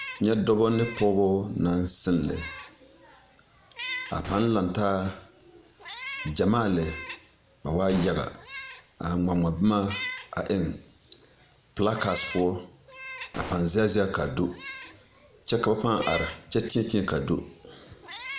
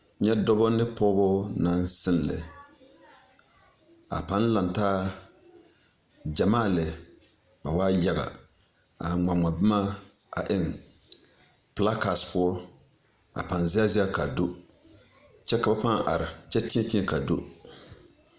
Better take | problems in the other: second | background sound (Meow + Gunshot, gunfire); 14 dB below the speech

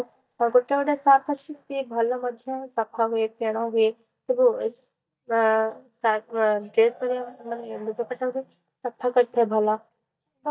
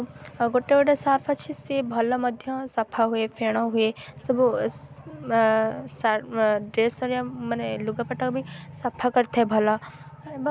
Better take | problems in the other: second | noise reduction (neural mask model DeepFilterNet 3)

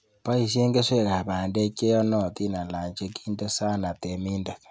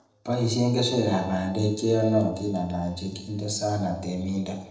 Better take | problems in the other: first | noise reduction (neural separator model SepFormer DNS4)

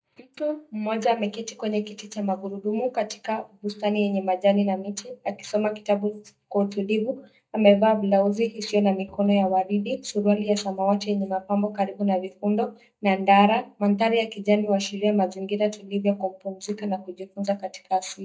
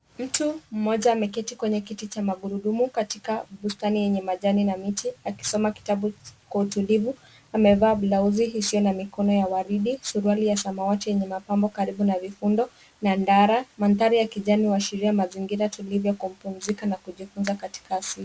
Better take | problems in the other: second | noise reduction (neural mask model DeepFilterNet 3)

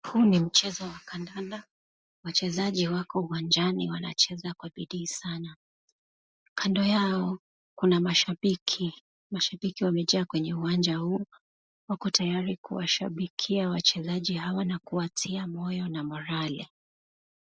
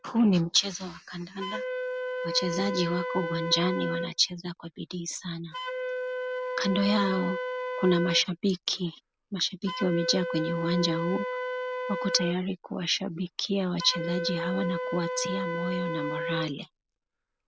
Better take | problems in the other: first | background sound (Wind instrument, woodwind instrument); 4 dB below the speech

